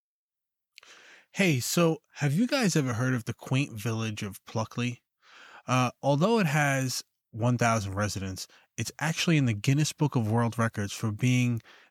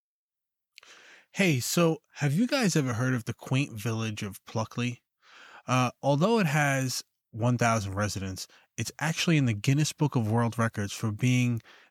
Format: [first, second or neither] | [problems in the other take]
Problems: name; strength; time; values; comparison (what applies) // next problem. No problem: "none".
neither | none